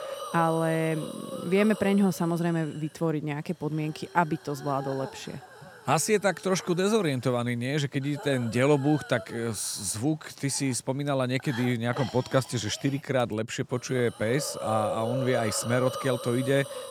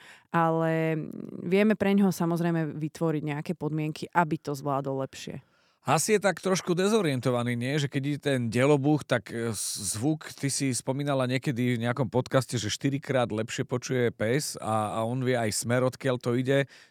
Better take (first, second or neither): second